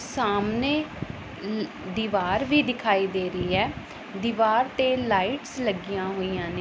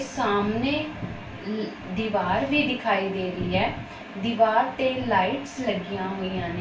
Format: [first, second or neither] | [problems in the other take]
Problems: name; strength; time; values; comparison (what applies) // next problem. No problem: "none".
first | room echo; dies away in 0.3 s